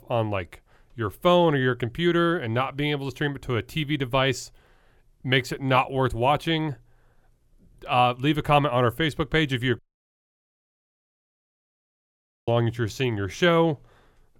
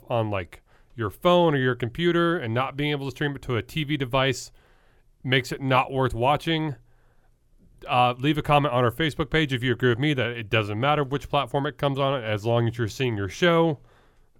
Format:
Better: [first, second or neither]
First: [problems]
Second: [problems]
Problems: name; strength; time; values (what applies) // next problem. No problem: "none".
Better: second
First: audio cutting out; at 10 s for 2.5 s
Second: none